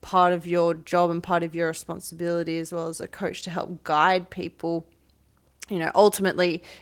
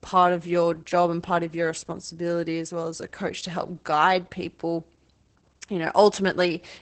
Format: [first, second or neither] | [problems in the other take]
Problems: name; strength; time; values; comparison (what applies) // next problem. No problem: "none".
first | garbled, watery; badly; nothing above 8 kHz; slightly in the first